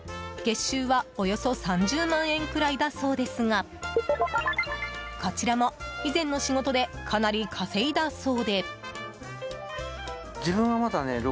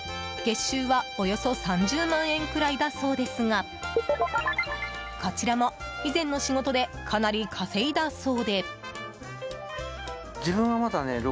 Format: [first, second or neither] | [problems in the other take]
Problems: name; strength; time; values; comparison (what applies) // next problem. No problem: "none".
first | background sound (Guitar); 15 dB below the speech